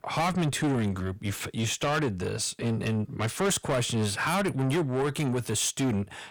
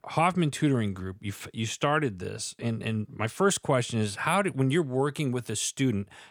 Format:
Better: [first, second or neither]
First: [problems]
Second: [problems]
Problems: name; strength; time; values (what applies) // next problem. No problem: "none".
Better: second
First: distortion; heavy; 6 dB below the speech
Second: none